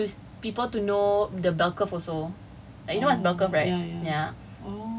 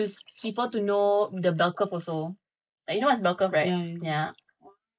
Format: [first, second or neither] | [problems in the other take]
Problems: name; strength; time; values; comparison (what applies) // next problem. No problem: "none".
first | noise reduction (neural mask model Resemble Enhance denoiser)